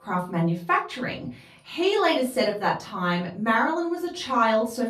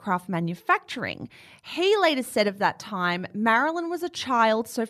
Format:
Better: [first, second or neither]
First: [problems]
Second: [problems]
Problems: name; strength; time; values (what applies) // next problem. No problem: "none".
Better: second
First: off-mic speech; far // room echo; slight; dies away in 0.3 s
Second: none